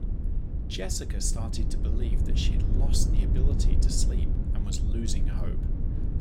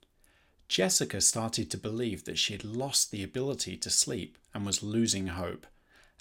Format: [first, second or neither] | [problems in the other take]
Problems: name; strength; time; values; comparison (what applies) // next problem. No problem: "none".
second | low rumble; loud; throughout; 5 dB below the speech